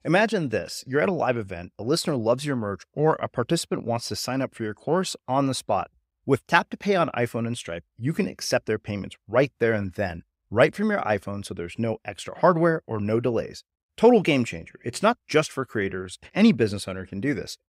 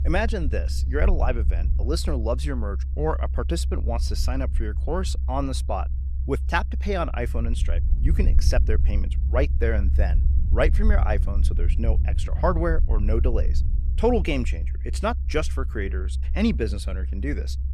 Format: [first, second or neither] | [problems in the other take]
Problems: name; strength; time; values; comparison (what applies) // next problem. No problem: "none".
first | low rumble; noticeable; throughout; 15 dB below the speech